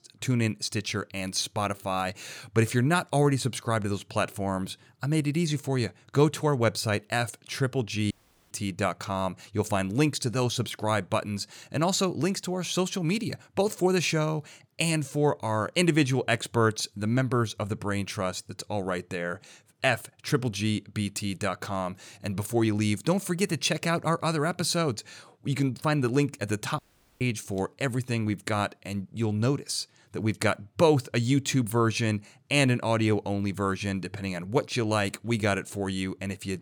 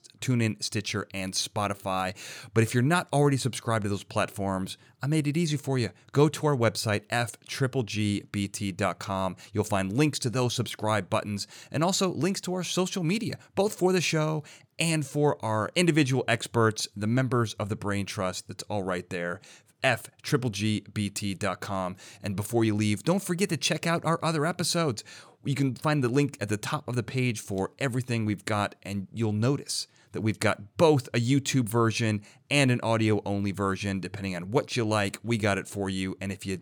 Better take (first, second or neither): second